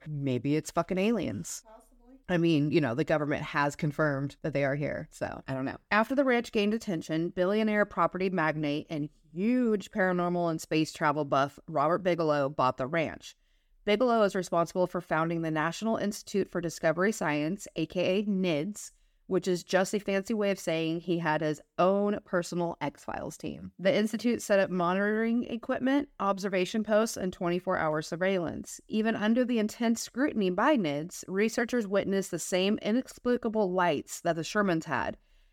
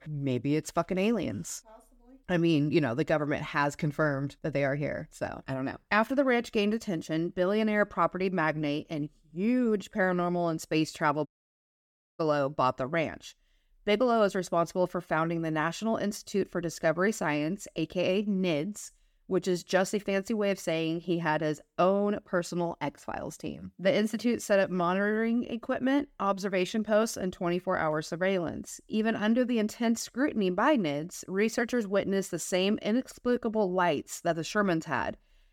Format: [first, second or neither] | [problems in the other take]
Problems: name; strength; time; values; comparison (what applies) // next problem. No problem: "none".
first | audio cutting out; at 11 s for 1 s